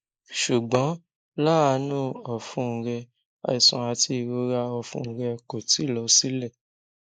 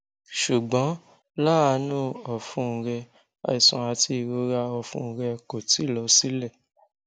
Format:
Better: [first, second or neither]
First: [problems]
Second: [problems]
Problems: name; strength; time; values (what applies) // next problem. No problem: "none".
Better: second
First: noise reduction (neural mask model Resemble Enhance denoiser)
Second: none